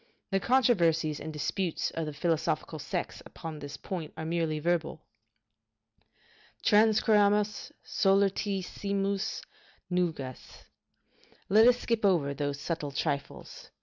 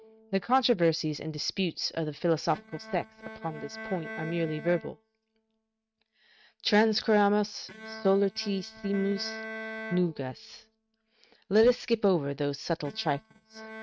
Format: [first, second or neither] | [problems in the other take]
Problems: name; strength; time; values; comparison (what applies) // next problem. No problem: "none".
first | noise reduction (neural mask model RNNoise)